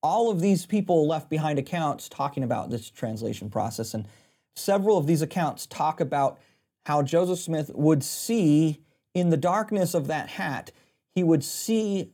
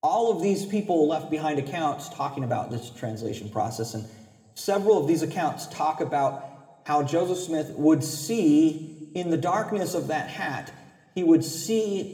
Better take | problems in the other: first | room echo; slight; dies away in 1.3 s

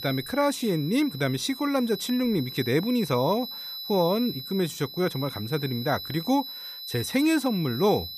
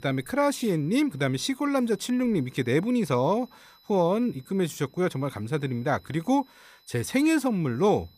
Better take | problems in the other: second | high-pitched whine; loud; throughout; 4 kHz, 9 dB below the speech; faint in the second

